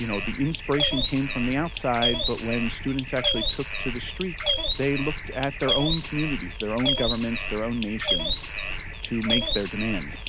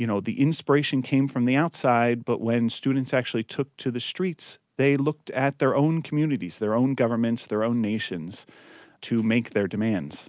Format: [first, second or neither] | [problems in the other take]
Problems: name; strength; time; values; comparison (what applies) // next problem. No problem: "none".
second | background sound (Bird); as loud as the speech